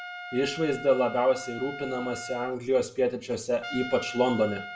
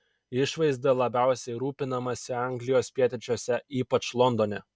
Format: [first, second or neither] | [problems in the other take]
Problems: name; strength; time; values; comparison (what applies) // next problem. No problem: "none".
second | background sound (Trumpet); 12 dB below the speech // room echo; dies away in 0.3 s